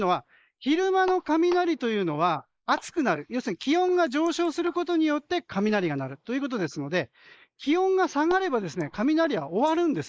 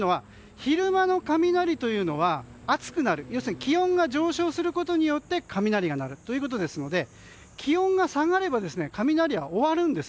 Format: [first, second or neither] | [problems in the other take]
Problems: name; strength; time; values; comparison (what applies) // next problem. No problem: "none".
second | noise reduction (neural mask model Resemble Enhance denoiser)